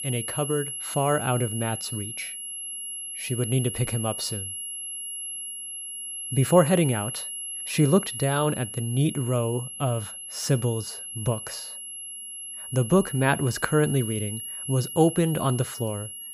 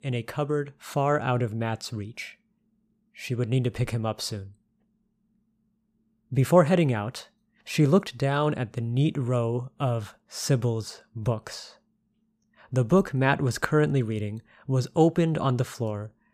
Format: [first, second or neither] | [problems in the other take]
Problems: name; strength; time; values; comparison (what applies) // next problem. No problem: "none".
second | high-pitched whine; loud; throughout; 11 kHz, 7 dB below the speech